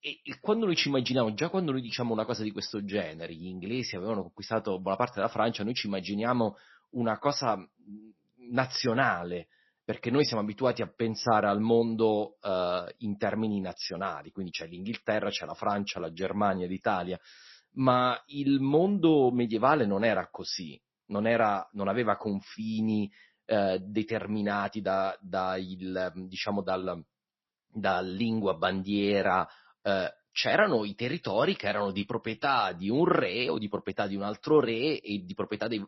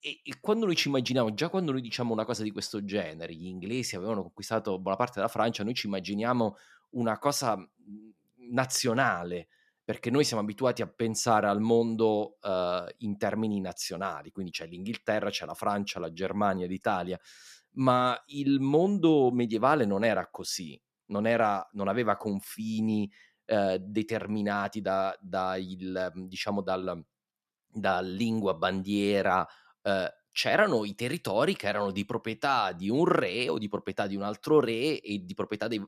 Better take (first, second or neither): second